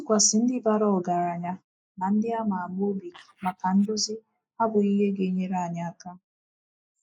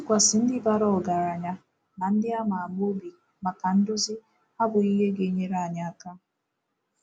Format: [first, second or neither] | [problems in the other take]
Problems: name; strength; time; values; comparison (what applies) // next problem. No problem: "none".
second | noise reduction (neural mask model Resemble Enhance denoiser)